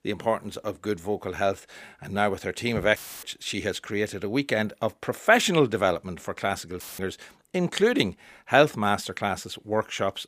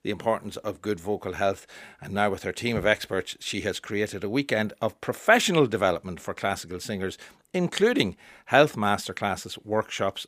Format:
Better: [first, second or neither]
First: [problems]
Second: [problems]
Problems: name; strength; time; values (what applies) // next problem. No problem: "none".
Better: second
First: audio cutting out; filled with static; at 3 s and at 7 s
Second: none